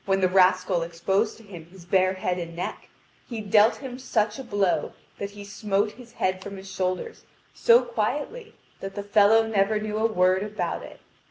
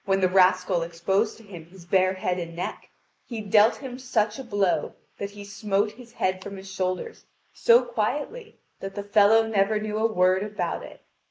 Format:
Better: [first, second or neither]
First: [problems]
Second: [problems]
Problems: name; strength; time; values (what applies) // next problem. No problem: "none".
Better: first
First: none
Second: noise reduction (neural mask model Resemble Enhance denoiser)